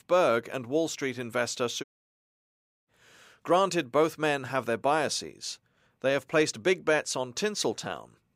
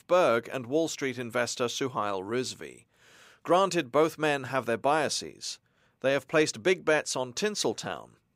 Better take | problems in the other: second | audio cutting out; at 2 s for 1 s

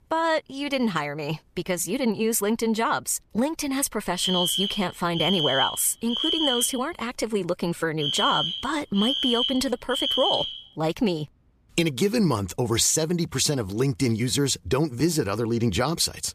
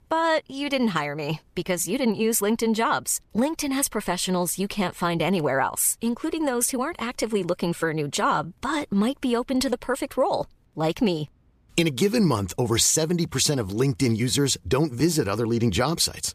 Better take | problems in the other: second | alarm; loud; from 4 to 11 s; peak 3 dB above the speech

